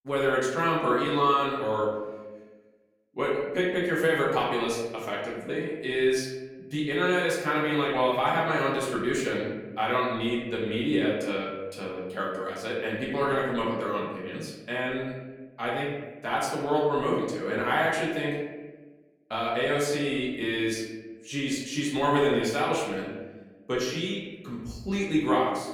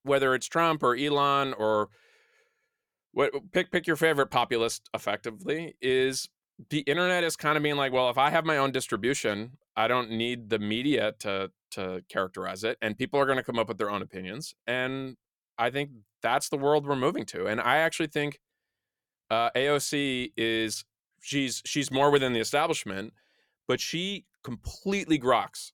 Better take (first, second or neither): second